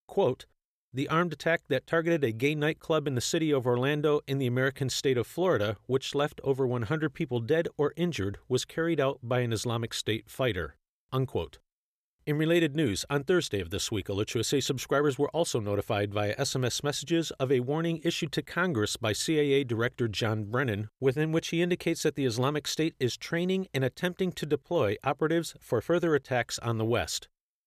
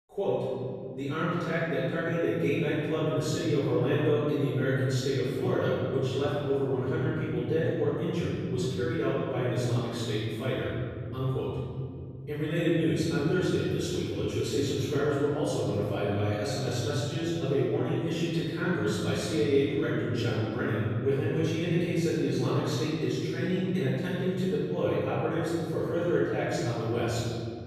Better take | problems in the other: first | off-mic speech; far // room echo; strong; dies away in 3 s

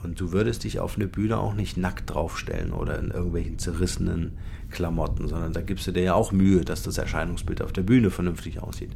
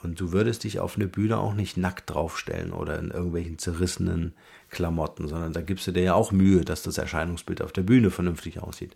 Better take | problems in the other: second | wind noise on the microphone; occasional gusts; 20 dB below the speech

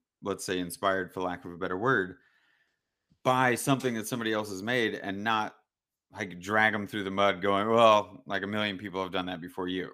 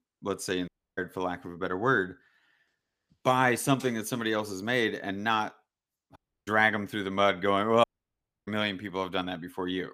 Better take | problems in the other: first | audio cutting out; at 0.5 s, at 6 s and at 8 s for 0.5 s

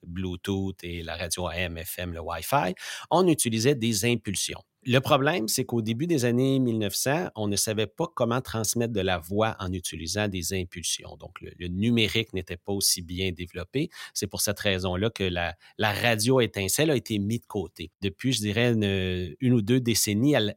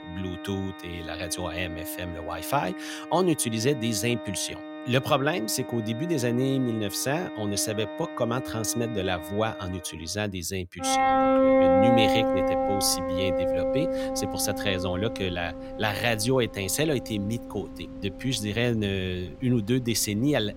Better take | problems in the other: first | background music; loud; throughout; 1 dB below the speech

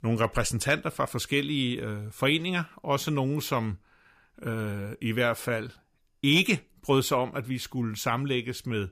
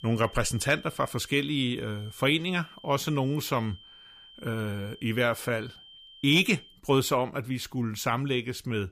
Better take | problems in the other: first | high-pitched whine; faint; until 6.5 s; 3 kHz, 20 dB below the speech

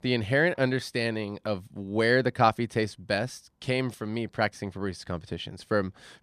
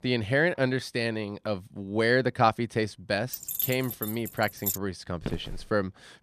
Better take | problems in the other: first | jangling keys; noticeable; from 3.5 to 5 s; peak 1 dB below the speech // footsteps; noticeable; at 5 s; peak 10 dB below the speech

